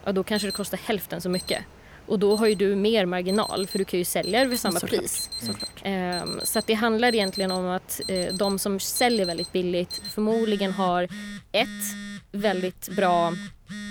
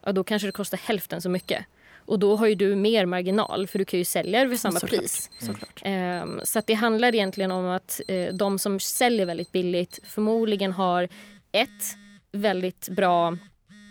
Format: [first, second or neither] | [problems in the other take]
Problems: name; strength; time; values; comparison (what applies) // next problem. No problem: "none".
second | alarms or sirens; loud; throughout; 9 dB below the speech; faint in the second